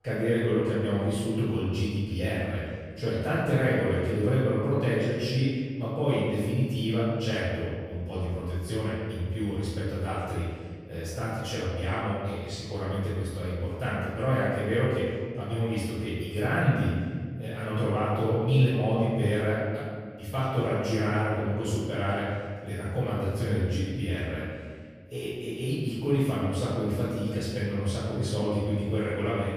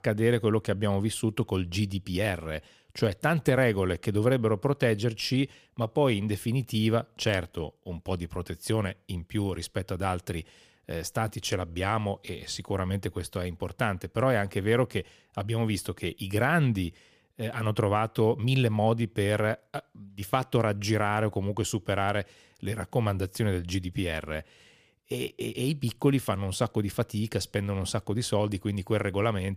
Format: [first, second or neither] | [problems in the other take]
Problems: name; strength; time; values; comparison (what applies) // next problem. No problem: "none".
second | off-mic speech; far // room echo; strong; dies away in 1.8 s